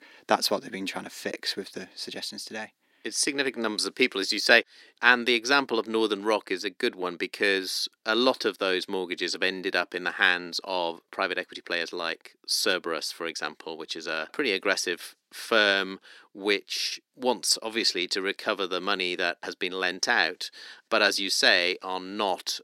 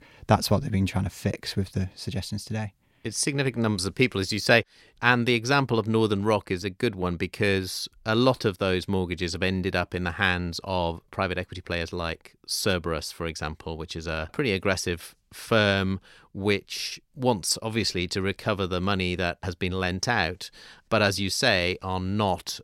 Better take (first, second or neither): second